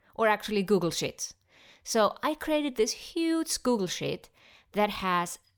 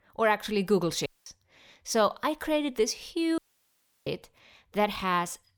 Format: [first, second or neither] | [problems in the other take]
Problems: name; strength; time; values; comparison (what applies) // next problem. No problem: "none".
first | audio cutting out; at 1 s and at 3.5 s for 0.5 s